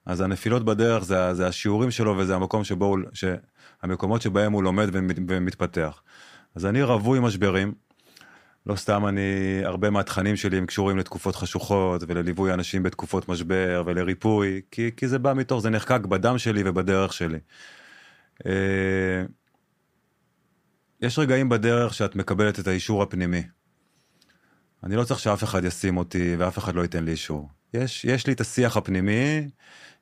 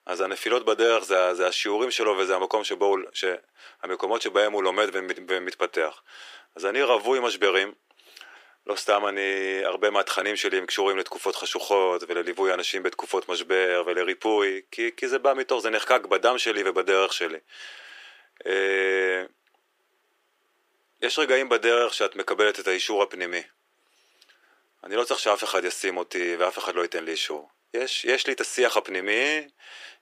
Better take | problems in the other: first | thin; very; fading below 350 Hz

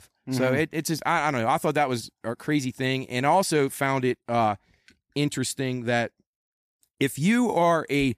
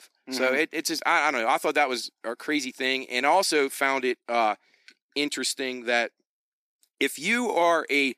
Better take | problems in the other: first | thin; very slightly; fading below 300 Hz

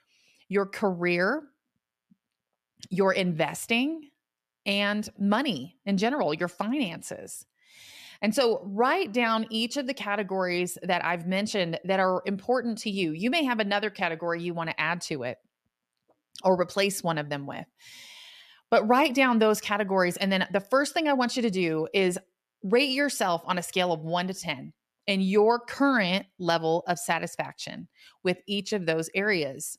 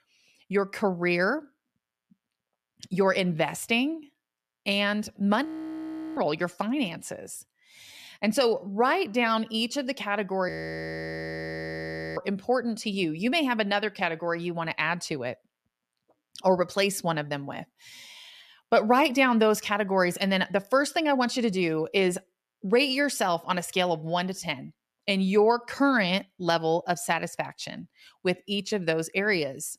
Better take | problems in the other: first | audio freezing; at 5.5 s for 0.5 s and at 10 s for 1.5 s

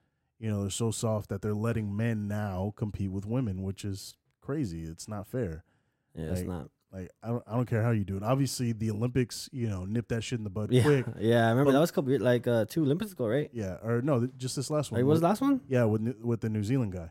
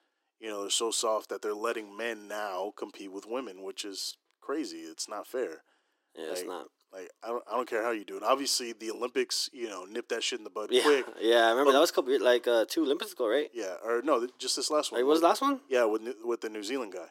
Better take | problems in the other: first | thin; very; fading below 300 Hz

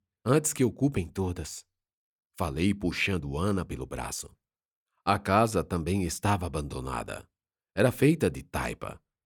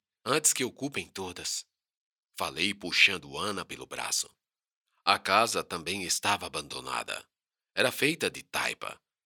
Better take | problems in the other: first | thin; somewhat; fading below 900 Hz

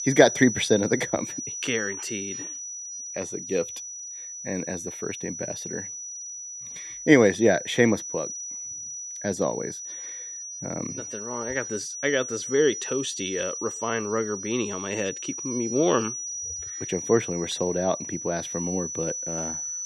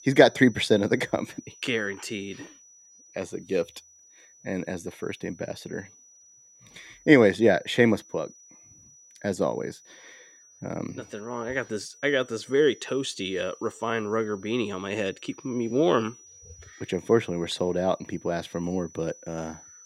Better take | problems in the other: second | high-pitched whine; loud; throughout; 6 kHz, 6 dB below the speech; faint in the second

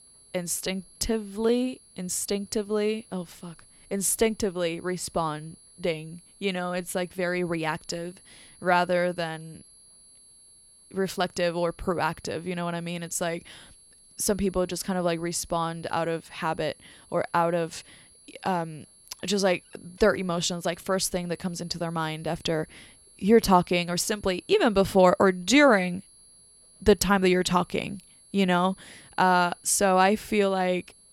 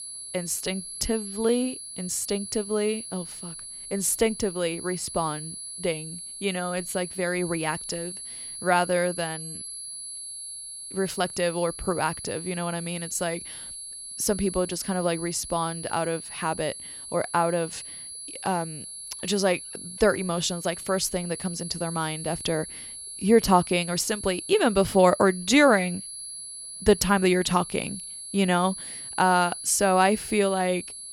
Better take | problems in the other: first | high-pitched whine; loud; throughout; 10.5 kHz, 10 dB below the speech; faint in the first

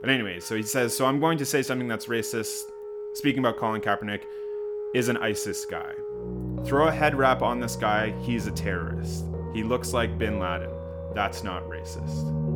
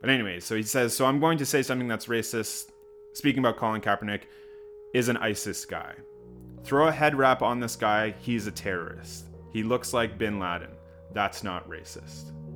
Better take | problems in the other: second | background music; loud; throughout; 7 dB below the speech; faint in the second

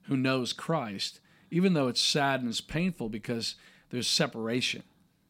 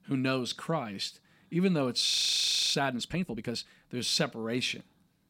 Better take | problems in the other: first | audio freezing; at 2 s for 0.5 s

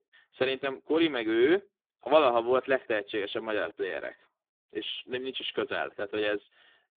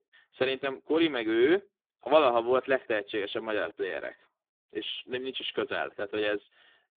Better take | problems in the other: neither | phone-call audio; poor line; the same in both

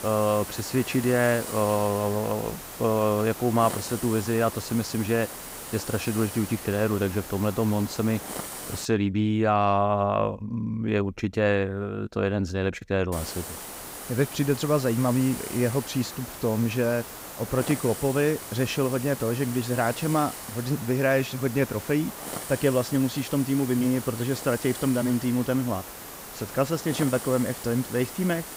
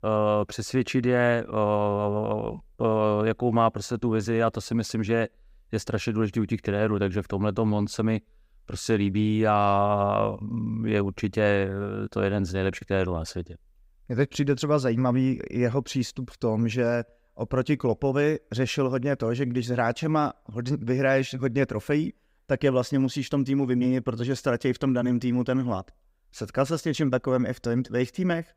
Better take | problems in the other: second | hiss; loud; until 9 s and from 13 s on; 10 dB below the speech

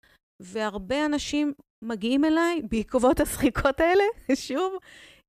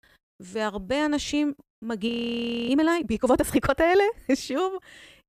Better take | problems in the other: first | audio freezing; at 2 s for 0.5 s

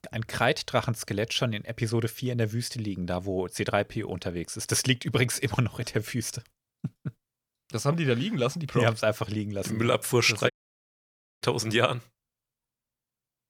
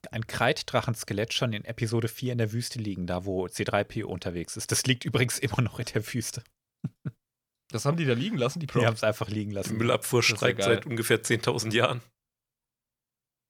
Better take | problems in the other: second | audio cutting out; at 11 s for 1 s

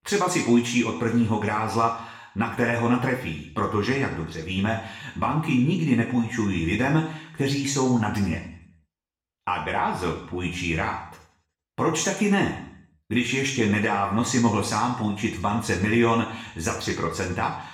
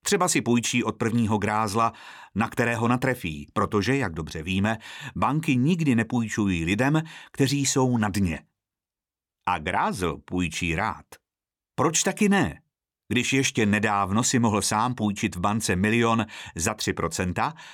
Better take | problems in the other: second | room echo; noticeable; dies away in 0.6 s // off-mic speech; far

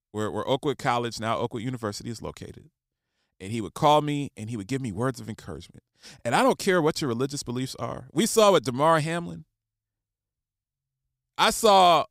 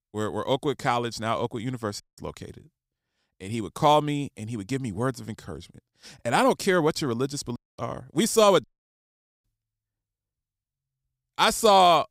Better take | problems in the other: first | audio cutting out; at 2 s, at 7.5 s and at 8.5 s for 1 s

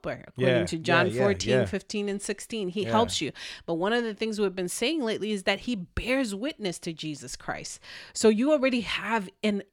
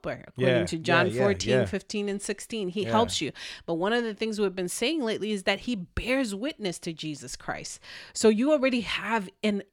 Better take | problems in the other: neither | none

